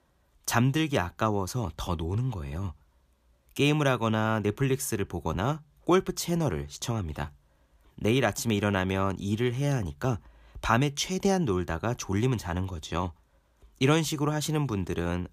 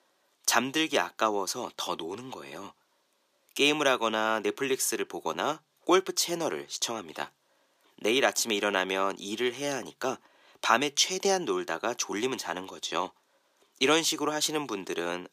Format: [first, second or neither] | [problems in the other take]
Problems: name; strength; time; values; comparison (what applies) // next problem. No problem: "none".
first | thin; somewhat; fading below 300 Hz